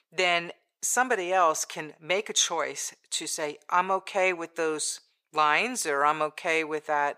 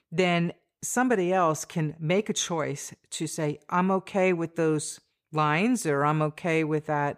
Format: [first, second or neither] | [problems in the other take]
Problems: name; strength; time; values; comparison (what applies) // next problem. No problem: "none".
second | thin; very; fading below 600 Hz